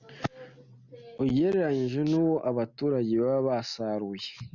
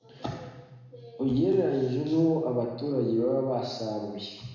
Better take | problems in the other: first | room echo; dies away in 1 s

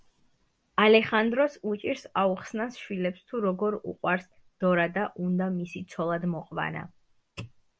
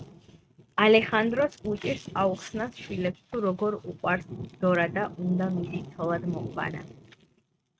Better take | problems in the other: first | noise reduction (neural mask model RNNoise)

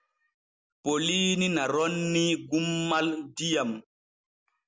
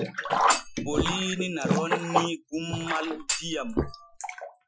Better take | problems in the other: first | noise reduction (classical method Wiener filter)

